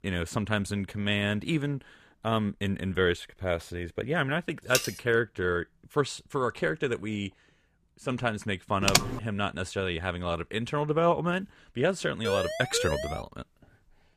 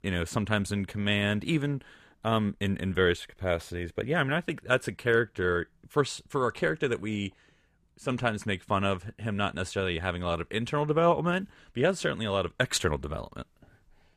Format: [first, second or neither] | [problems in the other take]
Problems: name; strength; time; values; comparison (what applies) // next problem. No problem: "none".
second | clattering dishes; loud; at 4.5 s; peak level with the speech // keyboard typing; loud; at 9 s; peak 5 dB above the speech // siren; noticeable; at 12 s; peak 2 dB below the speech